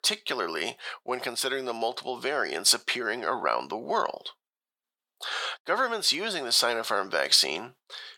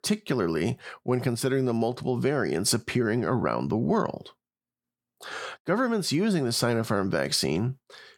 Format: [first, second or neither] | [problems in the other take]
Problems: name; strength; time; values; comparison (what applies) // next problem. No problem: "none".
second | thin; very; fading below 700 Hz